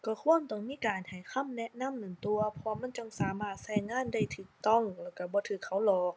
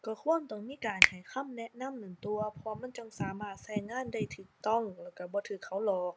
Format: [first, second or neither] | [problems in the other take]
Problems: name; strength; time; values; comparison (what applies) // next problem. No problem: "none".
first | background sound (Finger snapping); 1 dB above the speech